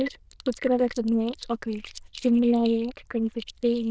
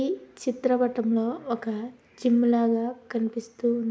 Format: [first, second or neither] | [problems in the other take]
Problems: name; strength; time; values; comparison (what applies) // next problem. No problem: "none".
second | noise reduction (neural diffusion model UNIVERSE++)